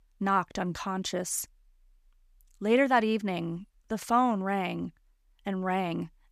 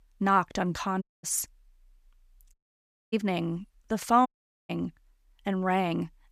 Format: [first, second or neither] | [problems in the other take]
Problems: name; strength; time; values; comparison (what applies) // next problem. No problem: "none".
first | audio cutting out; at 1 s, at 2.5 s for 0.5 s and at 4.5 s